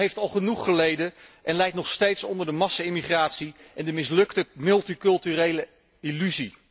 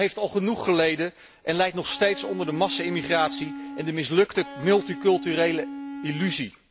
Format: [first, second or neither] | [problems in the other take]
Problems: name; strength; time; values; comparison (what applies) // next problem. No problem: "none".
first | background sound (Electric guitar); 11 dB below the speech